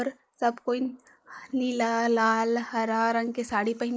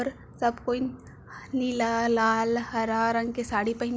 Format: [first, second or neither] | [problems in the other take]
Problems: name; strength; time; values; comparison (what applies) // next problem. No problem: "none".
second | noise reduction (neural mask model Resemble Enhance denoiser)